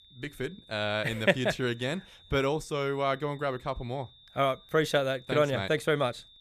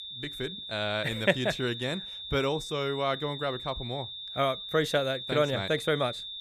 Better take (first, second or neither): first